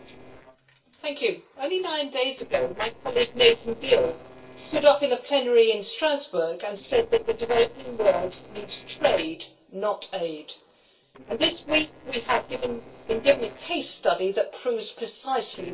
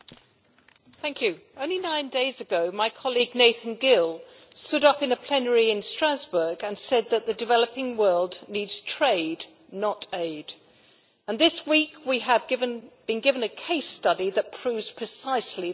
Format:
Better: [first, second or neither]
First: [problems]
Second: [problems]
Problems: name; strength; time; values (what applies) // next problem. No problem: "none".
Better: second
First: noise reduction (neural separator model SepFormer DNS4)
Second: none